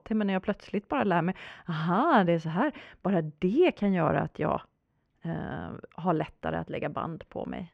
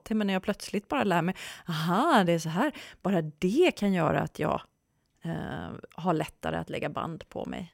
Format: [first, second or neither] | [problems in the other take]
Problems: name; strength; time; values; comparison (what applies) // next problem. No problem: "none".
second | muffled; slightly; fading above 2.5 kHz